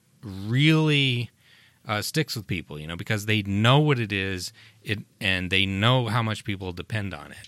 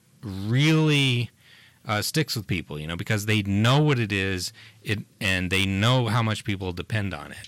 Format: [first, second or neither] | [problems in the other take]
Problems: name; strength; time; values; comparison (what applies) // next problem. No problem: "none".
first | distortion; slight; 10 dB below the speech